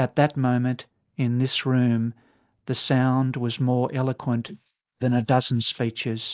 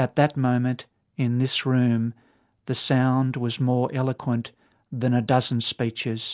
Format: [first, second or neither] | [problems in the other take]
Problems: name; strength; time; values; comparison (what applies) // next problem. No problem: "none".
second | noise reduction (neural mask model Resemble Enhance denoiser)